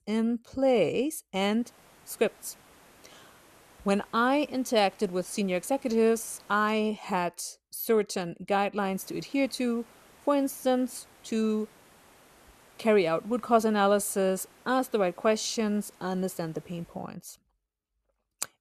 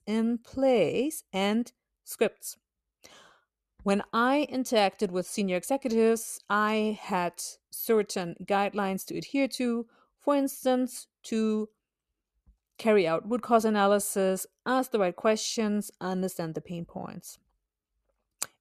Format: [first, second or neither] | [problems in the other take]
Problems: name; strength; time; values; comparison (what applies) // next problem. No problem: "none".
second | hiss; faint; from 1.5 to 7 s and from 9 to 17 s; 30 dB below the speech